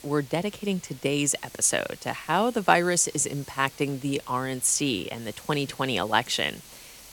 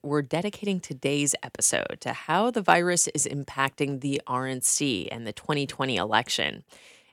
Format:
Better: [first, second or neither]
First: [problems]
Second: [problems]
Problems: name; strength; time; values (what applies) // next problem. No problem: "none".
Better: second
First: hiss; faint; throughout; 20 dB below the speech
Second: none